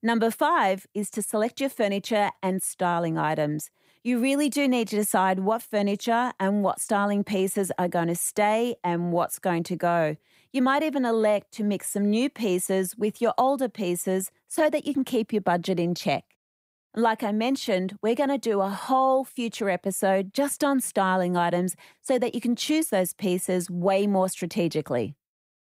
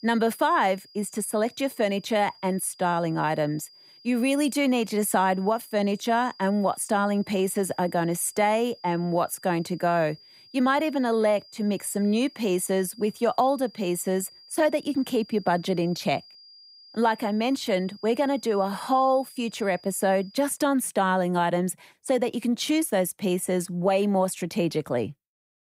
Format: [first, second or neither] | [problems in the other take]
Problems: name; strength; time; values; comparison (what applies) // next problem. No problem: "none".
first | high-pitched whine; faint; until 20 s; 5 kHz, 25 dB below the speech